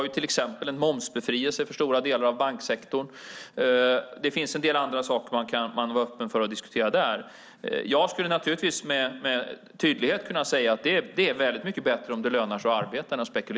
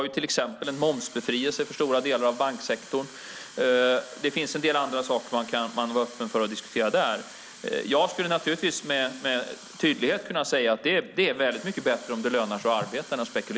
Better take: first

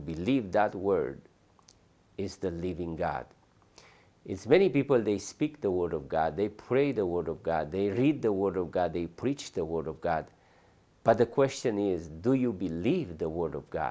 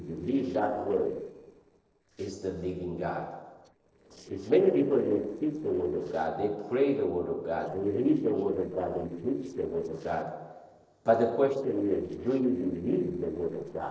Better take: first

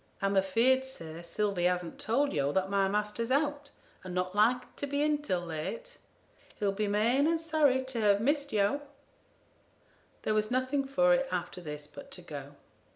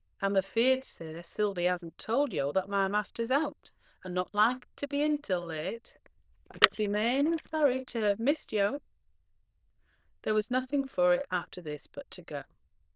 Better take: first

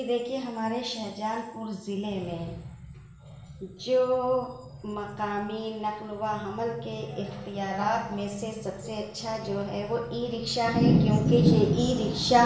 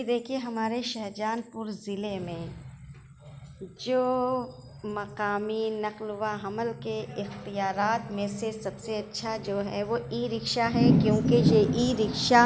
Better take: second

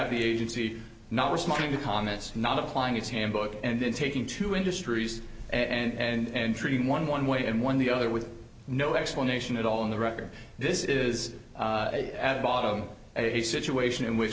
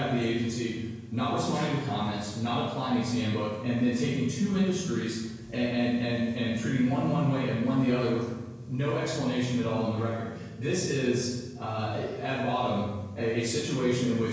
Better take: first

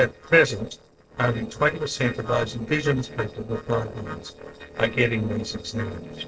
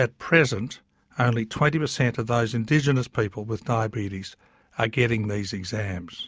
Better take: second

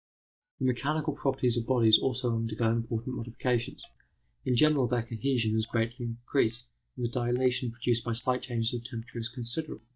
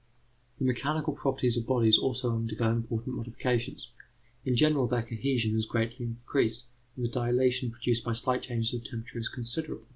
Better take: second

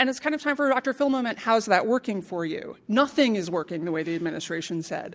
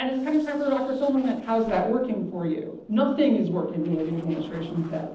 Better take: first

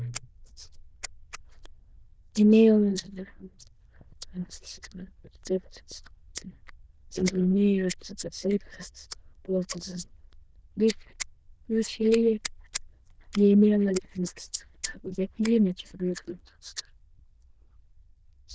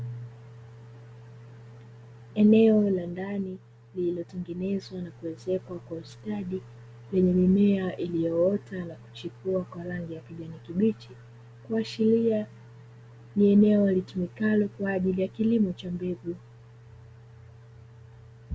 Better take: second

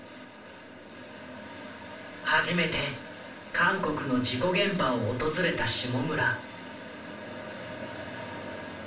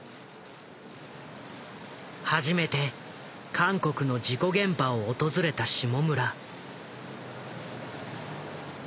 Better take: second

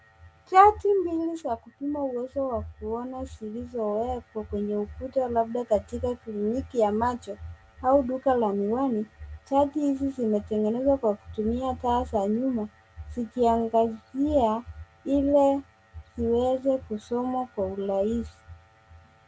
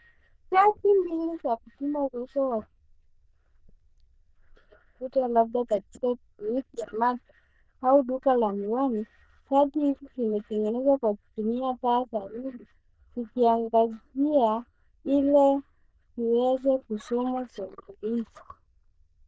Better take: first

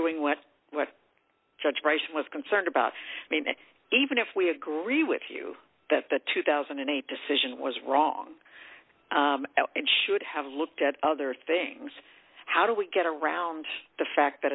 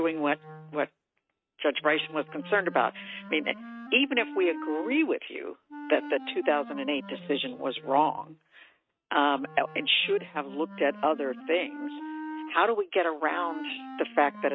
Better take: first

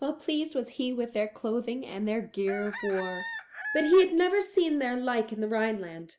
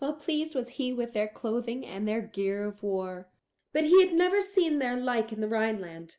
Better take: second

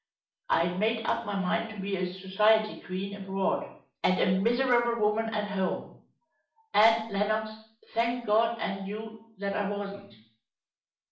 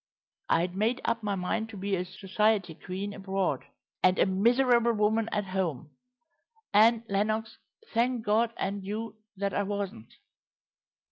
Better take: second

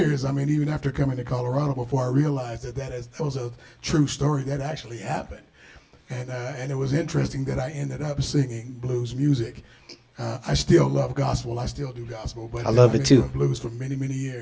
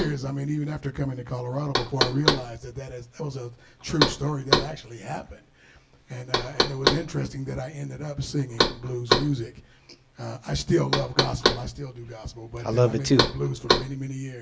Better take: first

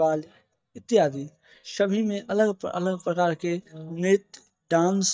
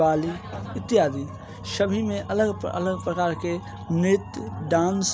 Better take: second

